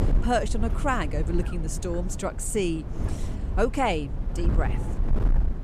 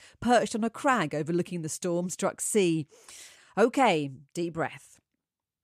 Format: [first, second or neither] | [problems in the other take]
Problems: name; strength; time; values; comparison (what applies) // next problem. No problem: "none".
second | wind noise on the microphone; occasional gusts; 10 dB below the speech